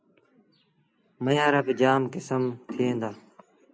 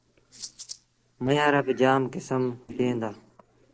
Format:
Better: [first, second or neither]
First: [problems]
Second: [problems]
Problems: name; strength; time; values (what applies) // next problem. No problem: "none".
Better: first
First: none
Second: noise reduction (neural separator model SepFormer DNS4)